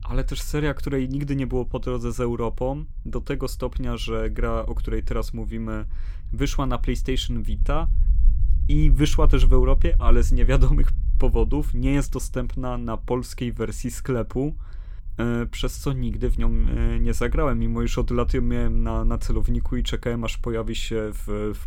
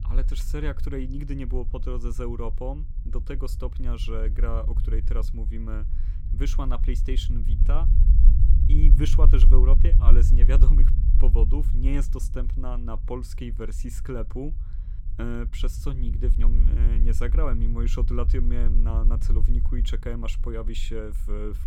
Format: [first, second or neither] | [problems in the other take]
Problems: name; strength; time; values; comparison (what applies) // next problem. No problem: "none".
first | low rumble; loud; throughout; 8 dB below the speech; faint in the first